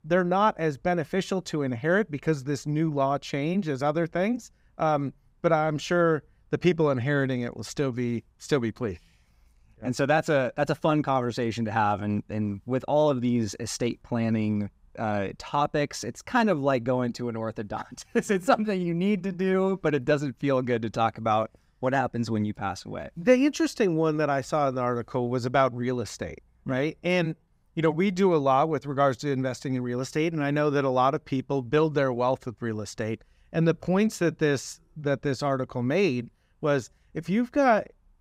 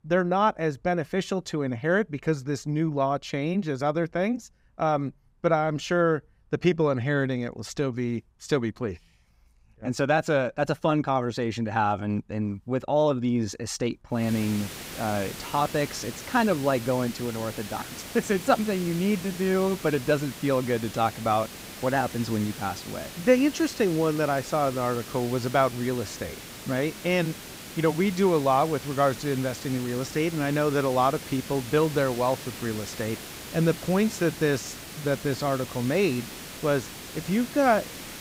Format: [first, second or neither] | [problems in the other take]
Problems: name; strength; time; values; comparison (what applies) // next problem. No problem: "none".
first | hiss; noticeable; from 14 s on; 10 dB below the speech